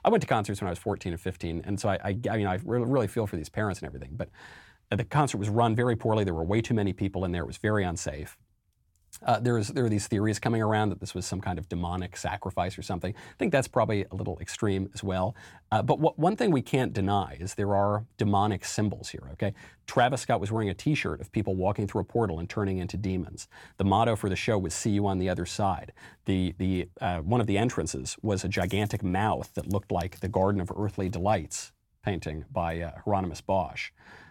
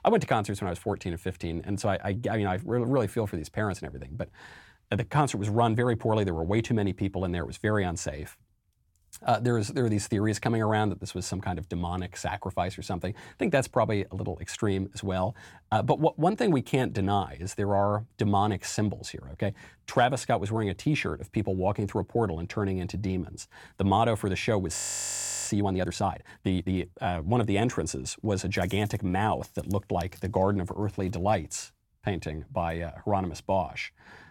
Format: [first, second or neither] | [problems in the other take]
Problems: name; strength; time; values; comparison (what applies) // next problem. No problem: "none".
first | audio freezing; at 25 s for 0.5 s